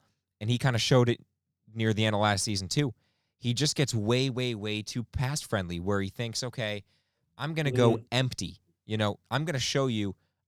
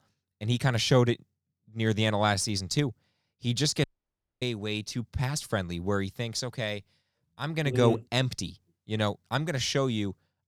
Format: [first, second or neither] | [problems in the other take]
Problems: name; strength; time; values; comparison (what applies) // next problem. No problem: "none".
first | audio cutting out; at 4 s for 0.5 s